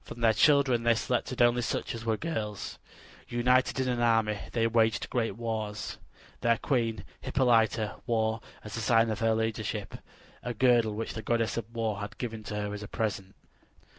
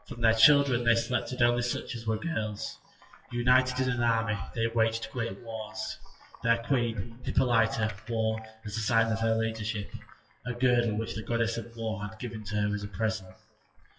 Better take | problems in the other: first | noise reduction (classical method WPE with log-MMSE)

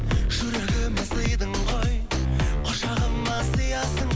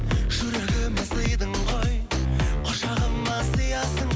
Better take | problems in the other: second | background sound (Wind); 13 dB below the speech

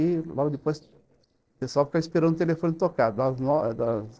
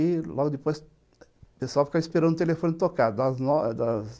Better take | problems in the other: second | noise reduction (neural separator model SepFormer DNS4)

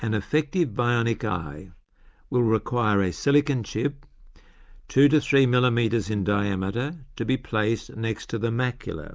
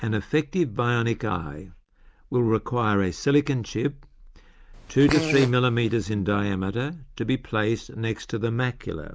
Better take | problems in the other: first | background sound (Fart); 5 dB below the speech

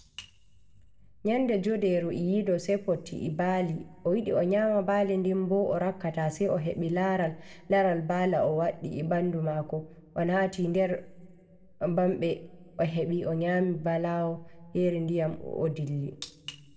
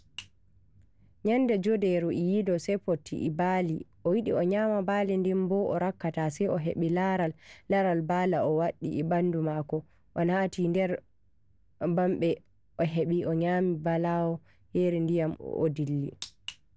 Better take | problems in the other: second | room echo; dies away in 1.2 s

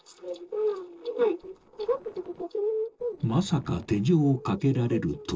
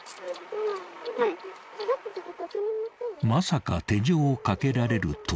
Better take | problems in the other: second | noise reduction (neural separator model SepFormer DNS4)

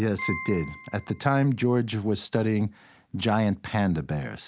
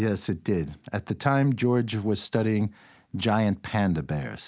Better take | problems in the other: second | background sound (Piano); 13 dB below the speech

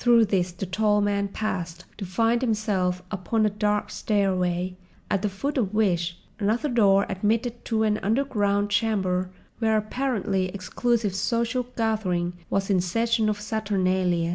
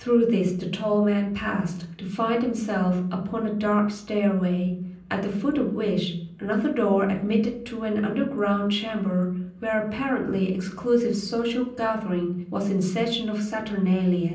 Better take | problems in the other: first | room echo; dies away in 0.6 s

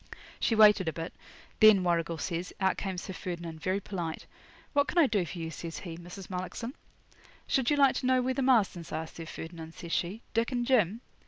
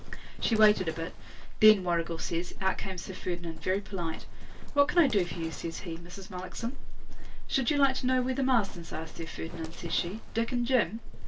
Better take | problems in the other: first | background sound (Livestock, farm animals, working animals); 1 dB below the speech // room echo; dies away in 0.1 s

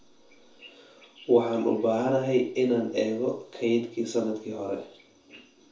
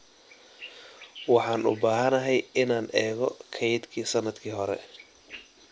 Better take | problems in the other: second | room echo; dies away in 0.7 s

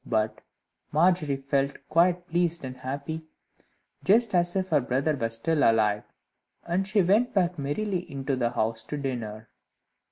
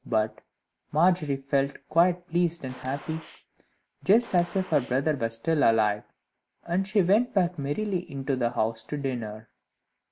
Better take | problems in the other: first | background sound (Gunshot, gunfire); 19 dB below the speech

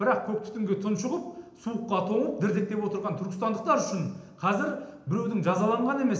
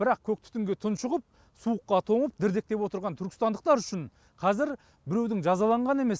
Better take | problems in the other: second | room echo; dies away in 0.8 s

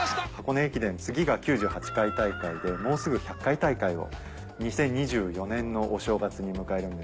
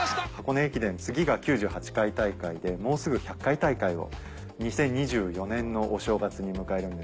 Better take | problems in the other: second | background sound (Chicken, rooster); 15 dB below the speech

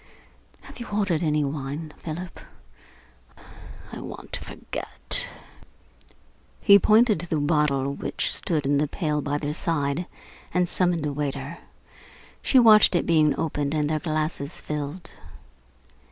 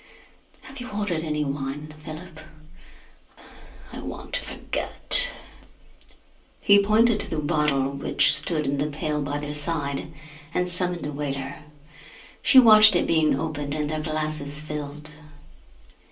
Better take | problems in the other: first | room echo; dies away in 0.3 s

